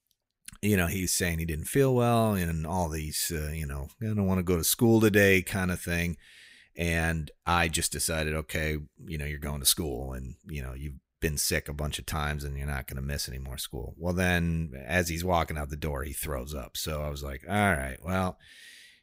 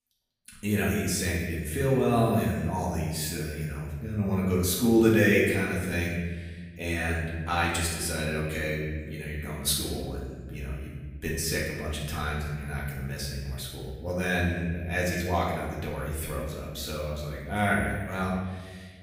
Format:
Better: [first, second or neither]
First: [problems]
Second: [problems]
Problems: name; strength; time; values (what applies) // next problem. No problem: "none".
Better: first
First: none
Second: off-mic speech; far // room echo; noticeable; dies away in 1.4 s